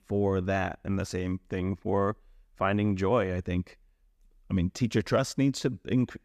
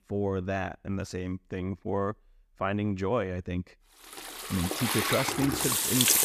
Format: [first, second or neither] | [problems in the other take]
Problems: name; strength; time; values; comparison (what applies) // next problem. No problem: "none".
first | household noises; very loud; from 4.5 s on; 5 dB above the speech